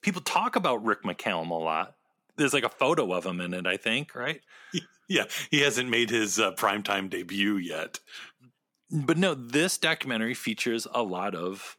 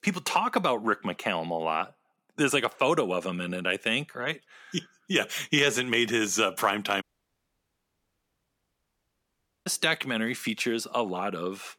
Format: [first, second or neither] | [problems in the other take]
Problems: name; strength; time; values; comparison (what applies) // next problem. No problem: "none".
first | audio cutting out; at 7 s for 2.5 s